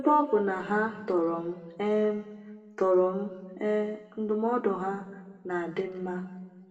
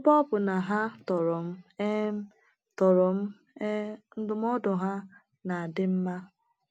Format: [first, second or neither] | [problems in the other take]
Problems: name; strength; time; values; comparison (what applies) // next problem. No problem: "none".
second | room echo; dies away in 1.1 s